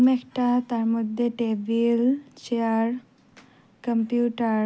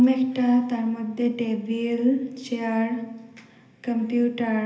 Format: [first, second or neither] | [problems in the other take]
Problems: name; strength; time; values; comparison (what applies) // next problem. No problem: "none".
first | room echo; dies away in 1.4 s